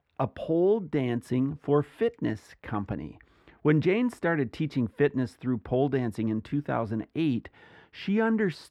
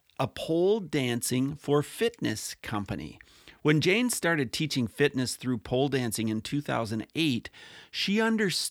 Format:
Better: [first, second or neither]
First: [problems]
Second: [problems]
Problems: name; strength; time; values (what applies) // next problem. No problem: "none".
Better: second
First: muffled; very; fading above 3 kHz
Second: none